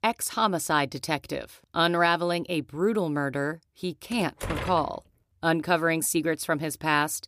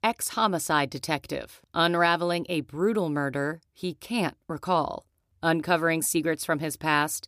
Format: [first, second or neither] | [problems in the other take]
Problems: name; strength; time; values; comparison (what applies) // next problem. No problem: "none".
second | door banging; noticeable; at 4 s; peak 7 dB below the speech